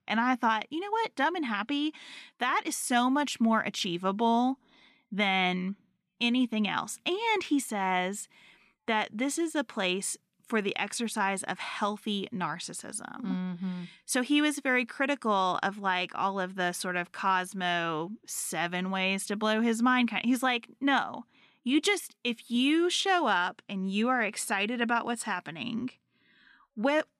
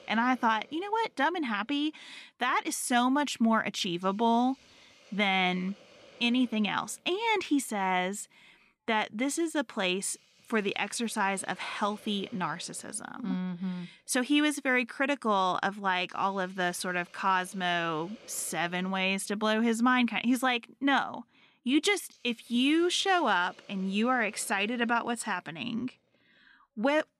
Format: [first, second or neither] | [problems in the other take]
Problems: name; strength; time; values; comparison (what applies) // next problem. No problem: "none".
first | hiss; faint; throughout; 25 dB below the speech